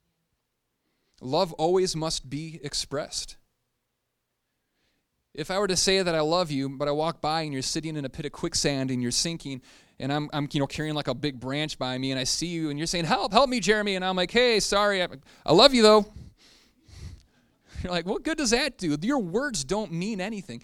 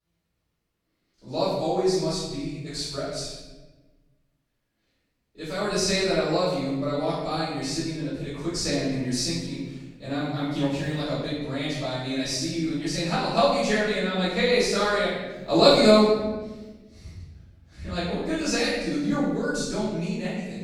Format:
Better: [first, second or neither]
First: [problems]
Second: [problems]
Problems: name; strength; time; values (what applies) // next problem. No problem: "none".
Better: first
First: none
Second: off-mic speech; far // room echo; strong; dies away in 1.1 s